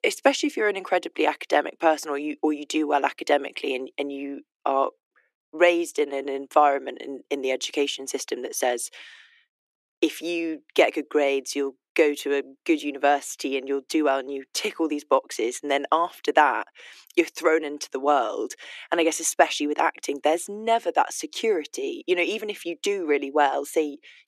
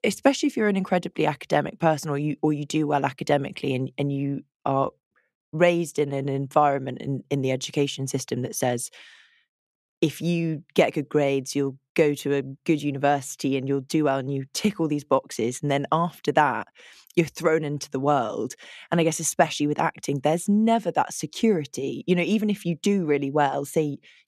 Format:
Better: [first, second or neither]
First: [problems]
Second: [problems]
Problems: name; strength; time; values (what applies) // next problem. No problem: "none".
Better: second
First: thin; somewhat; fading below 300 Hz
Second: none